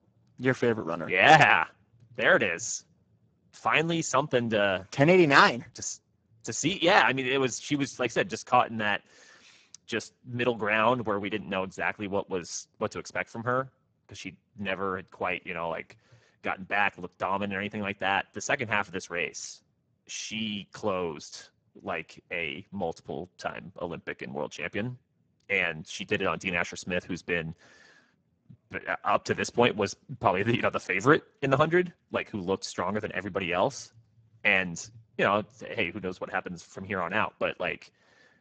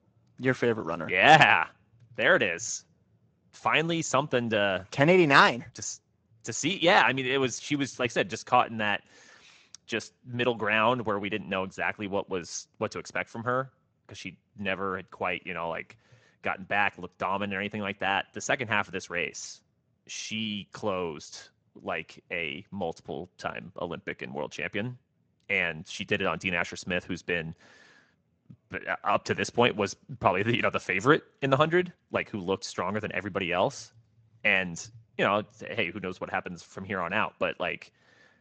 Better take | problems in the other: second | garbled, watery; badly; nothing above 7.5 kHz; slightly in the second

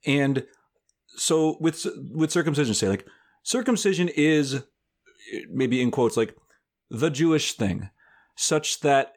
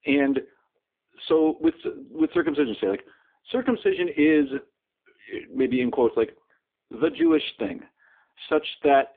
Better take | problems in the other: first | phone-call audio; poor line

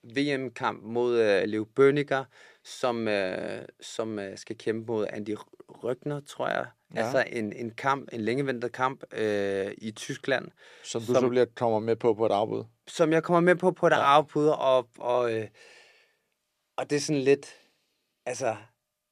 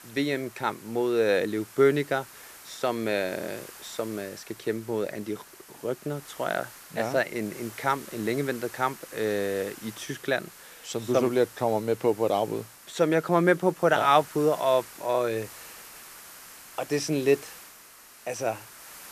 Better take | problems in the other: first | hiss; noticeable; throughout; 20 dB below the speech

